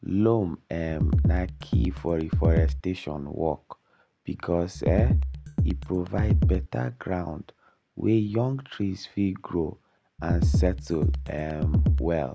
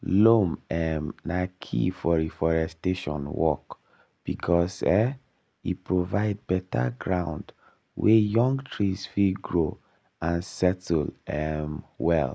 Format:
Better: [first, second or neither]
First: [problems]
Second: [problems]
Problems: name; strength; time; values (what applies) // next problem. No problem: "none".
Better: second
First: background sound (Drum kit); 4 dB above the speech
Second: none